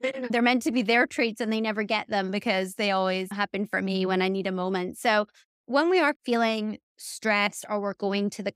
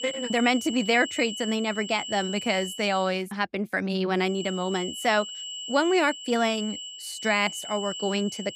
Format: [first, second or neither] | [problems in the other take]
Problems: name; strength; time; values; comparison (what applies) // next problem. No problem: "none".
first | high-pitched whine; loud; until 3 s and from 4.5 s on; 3 kHz, 9 dB below the speech